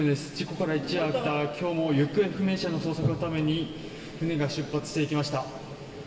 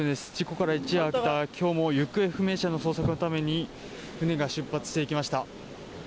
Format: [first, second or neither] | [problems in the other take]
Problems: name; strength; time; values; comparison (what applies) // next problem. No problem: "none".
second | room echo; dies away in 2.3 s